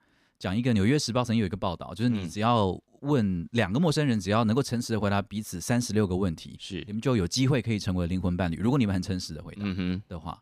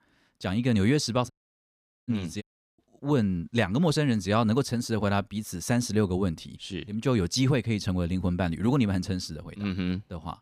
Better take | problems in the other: first | audio cutting out; at 1.5 s for 1 s and at 2.5 s

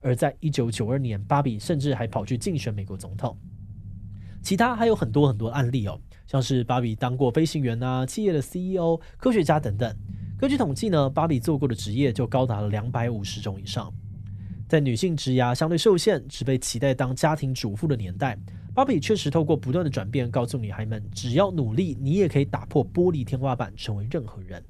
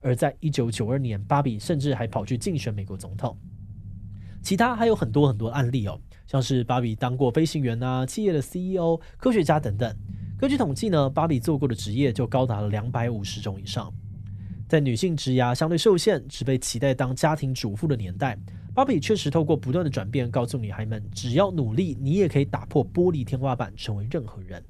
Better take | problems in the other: neither | low rumble; faint; throughout; 25 dB below the speech; the same in both

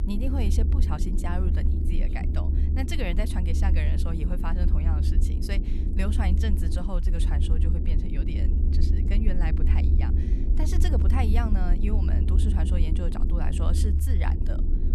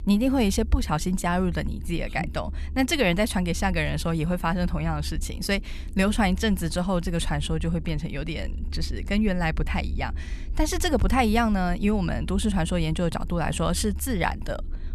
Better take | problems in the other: second | low rumble; loud; throughout; 3 dB below the speech; faint in the second

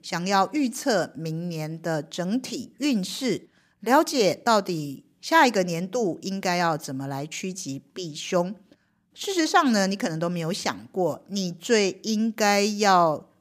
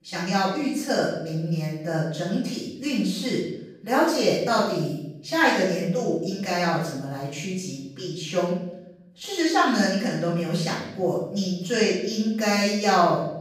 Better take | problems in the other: first | off-mic speech; far // room echo; noticeable; dies away in 0.8 s

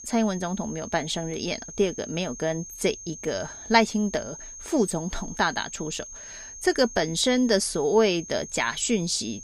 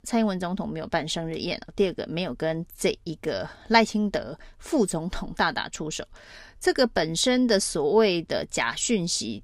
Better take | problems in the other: second | high-pitched whine; noticeable; throughout; 6.5 kHz, 15 dB below the speech

